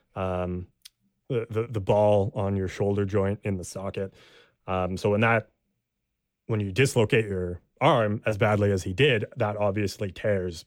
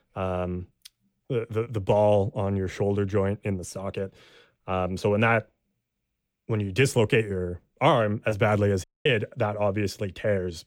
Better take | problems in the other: first | audio cutting out; at 9 s

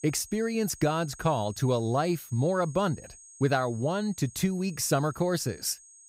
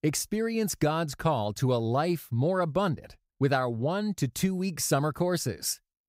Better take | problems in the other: second | high-pitched whine; noticeable; throughout; 6.5 kHz, 20 dB below the speech

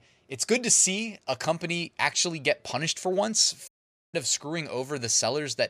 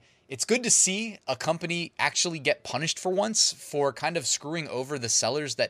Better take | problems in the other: second | audio cutting out; at 3.5 s

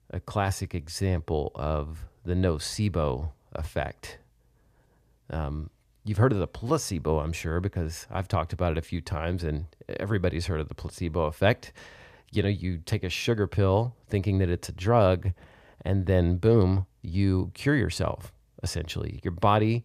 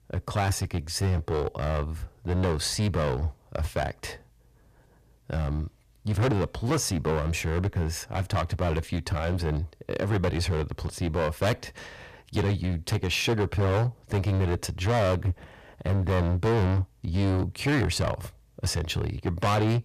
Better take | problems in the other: first | distortion; heavy; 14% of the sound clipped

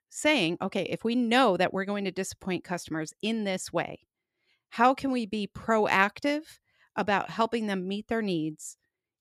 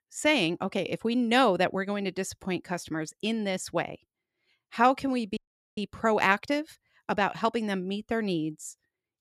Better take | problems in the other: first | audio freezing; at 5.5 s

